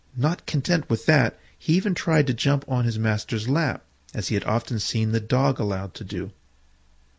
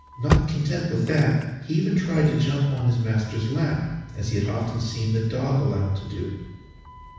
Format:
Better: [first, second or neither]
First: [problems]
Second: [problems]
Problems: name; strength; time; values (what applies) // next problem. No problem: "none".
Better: first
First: none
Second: background sound (Slam / Engine starting); 10 dB below the speech // room echo; dies away in 1.1 s